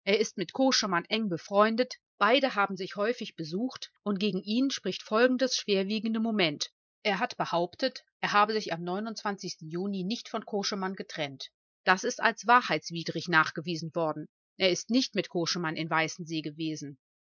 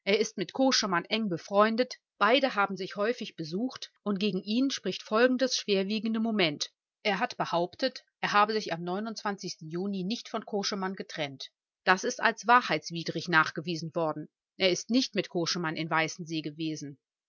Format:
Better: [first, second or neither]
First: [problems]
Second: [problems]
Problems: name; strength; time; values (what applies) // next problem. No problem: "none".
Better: second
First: noise reduction (neural mask model Resemble Enhance denoiser)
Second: none